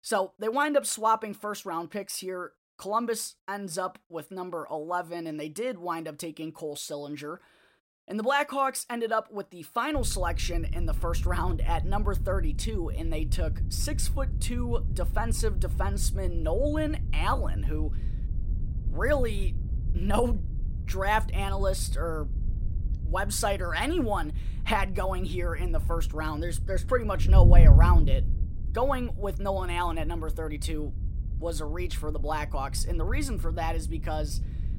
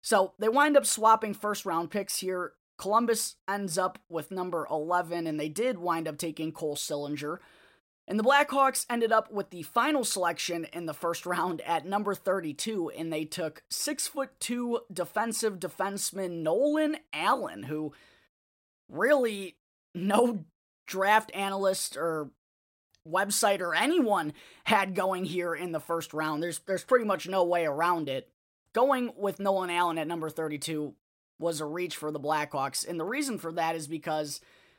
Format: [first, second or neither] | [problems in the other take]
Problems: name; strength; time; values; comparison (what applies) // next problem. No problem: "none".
second | wind noise on the microphone; occasional gusts; from 10 s on; 15 dB below the speech